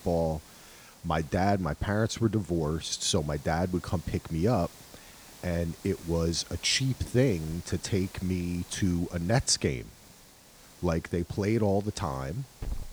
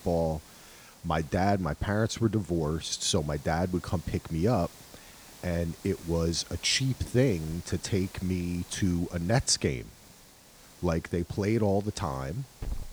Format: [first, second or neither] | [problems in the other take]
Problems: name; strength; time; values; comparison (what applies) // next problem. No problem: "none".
neither | hiss; noticeable; throughout; 20 dB below the speech; the same in both